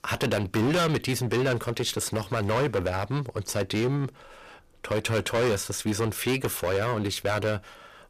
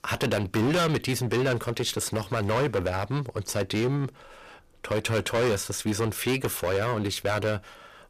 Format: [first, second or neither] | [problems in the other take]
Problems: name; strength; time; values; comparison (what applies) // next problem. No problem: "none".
neither | distortion; heavy; 13% of the sound clipped; the same in both